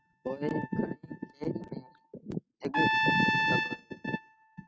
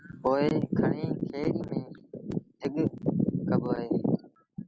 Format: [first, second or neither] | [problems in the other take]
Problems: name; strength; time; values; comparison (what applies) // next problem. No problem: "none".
second | noise reduction (neural mask model RNNoise)